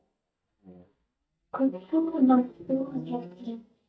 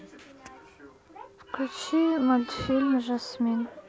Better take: second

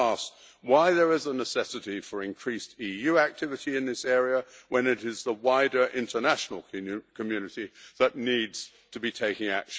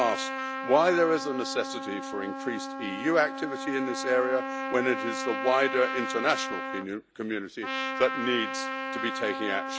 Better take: first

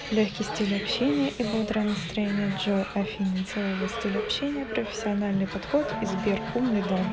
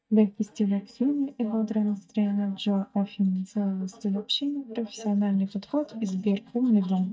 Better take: first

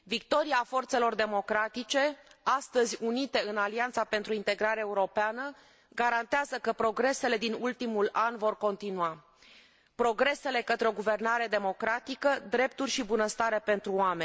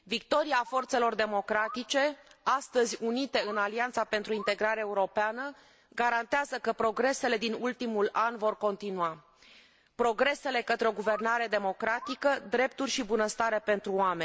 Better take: first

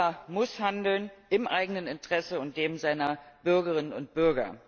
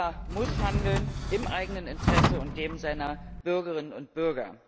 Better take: first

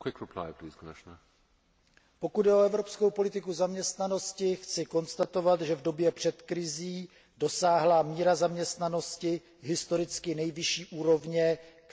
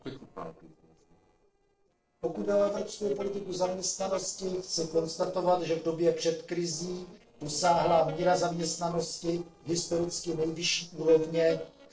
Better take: first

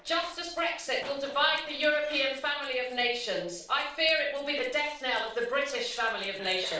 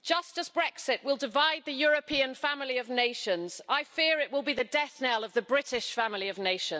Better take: second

